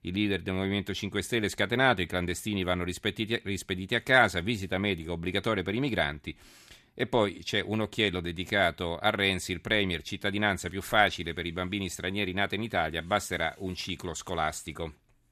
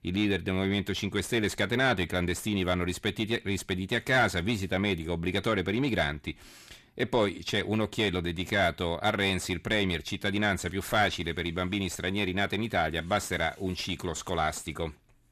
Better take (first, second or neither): first